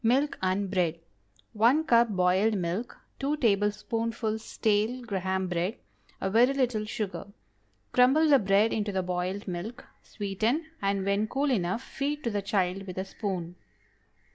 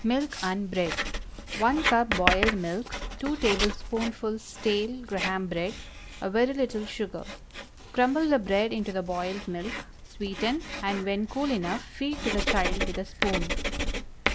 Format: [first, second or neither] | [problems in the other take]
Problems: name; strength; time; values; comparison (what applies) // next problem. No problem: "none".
first | background sound (Writing); 4 dB below the speech